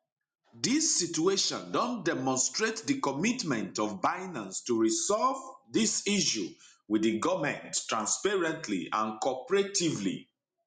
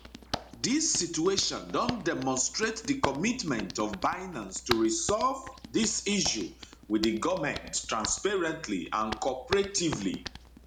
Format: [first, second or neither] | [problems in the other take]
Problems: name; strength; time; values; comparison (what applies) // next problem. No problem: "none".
first | background sound (Hands); 11 dB below the speech